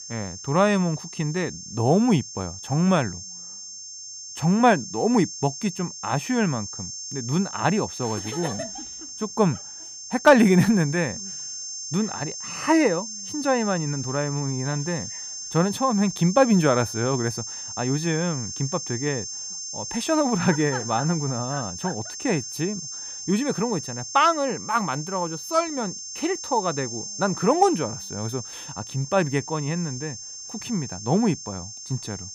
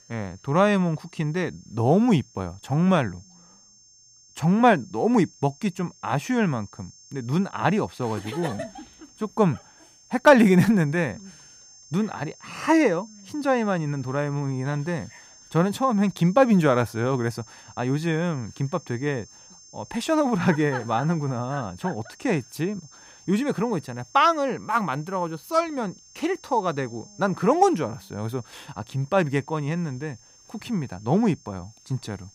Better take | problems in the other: second | high-pitched whine; loud; throughout; 6.5 kHz, 9 dB below the speech; faint in the second

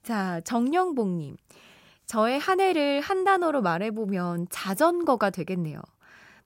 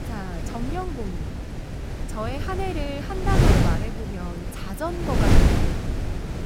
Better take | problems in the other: first | wind noise on the microphone; heavy; 1 dB above the speech

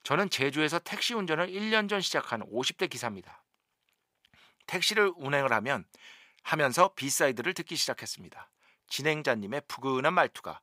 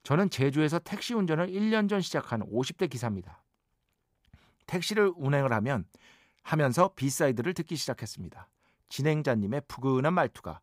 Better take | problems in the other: second | thin; somewhat; fading below 700 Hz

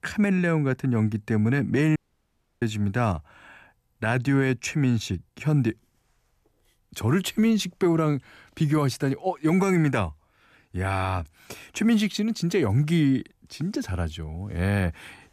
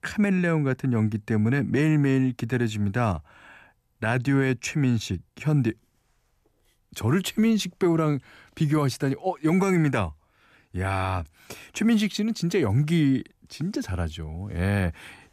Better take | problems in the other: second | audio cutting out; at 2 s for 0.5 s

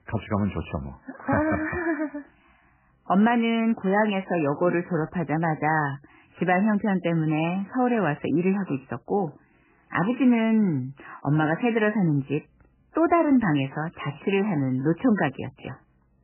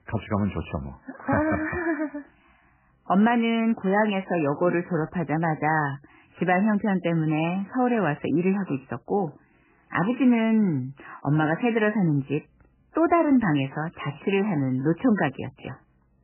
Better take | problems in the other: neither | garbled, watery; badly; nothing above 3 kHz; the same in both

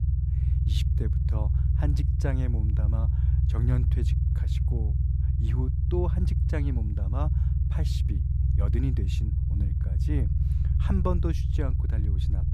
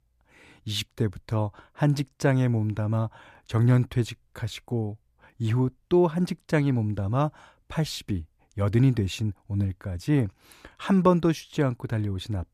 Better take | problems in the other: second | low rumble; loud; throughout; 2 dB below the speech

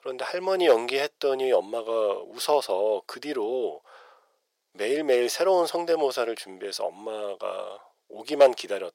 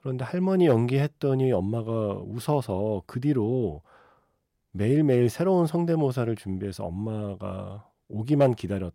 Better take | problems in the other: second | thin; very; fading below 450 Hz

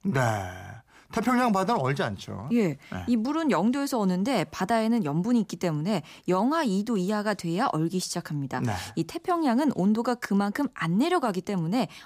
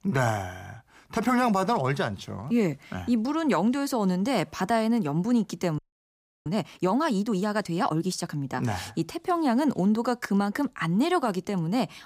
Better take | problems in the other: first | audio freezing; at 6 s for 0.5 s

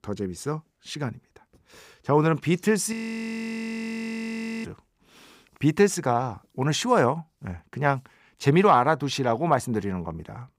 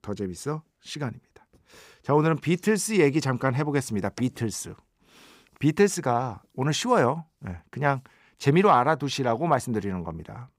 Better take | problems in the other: second | audio freezing; at 3 s for 1.5 s

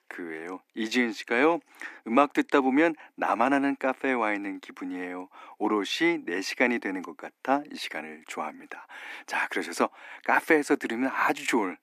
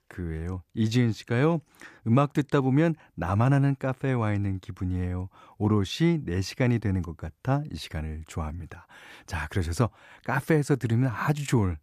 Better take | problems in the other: second | thin; somewhat; fading below 250 Hz

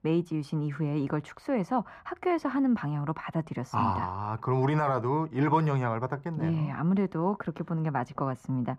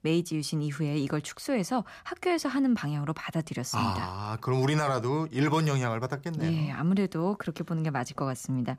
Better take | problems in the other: second | muffled; very; fading above 3 kHz

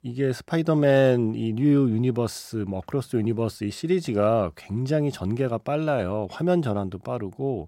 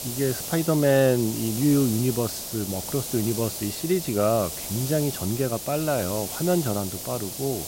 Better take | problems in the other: first | hiss; loud; throughout; 6 dB below the speech

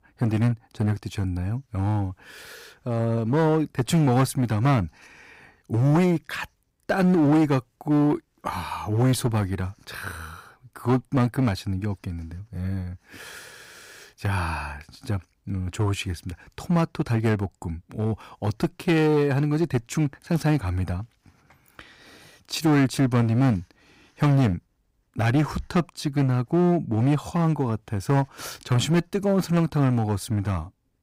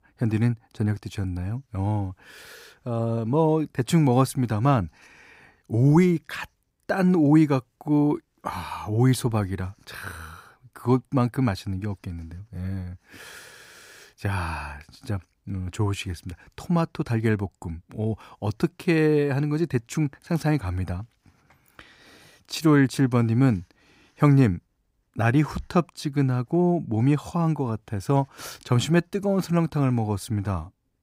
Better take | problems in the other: second | distortion; slight; 7% of the sound clipped

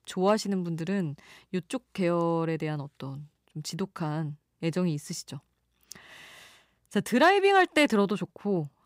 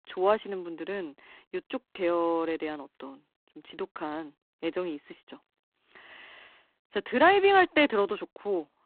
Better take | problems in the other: first | phone-call audio; poor line

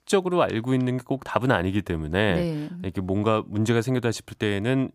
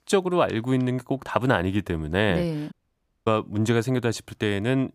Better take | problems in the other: first | audio cutting out; at 2.5 s for 0.5 s

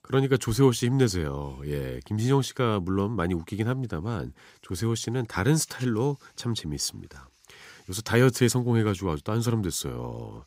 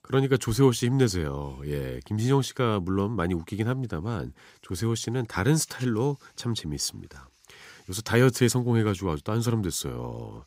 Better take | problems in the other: neither | none

